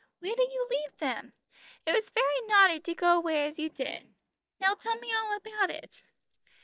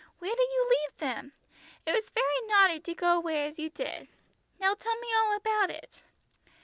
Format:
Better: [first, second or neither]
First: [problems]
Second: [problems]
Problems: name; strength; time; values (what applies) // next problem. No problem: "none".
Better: second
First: noise reduction (neural mask model DeepFilterNet 3)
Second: none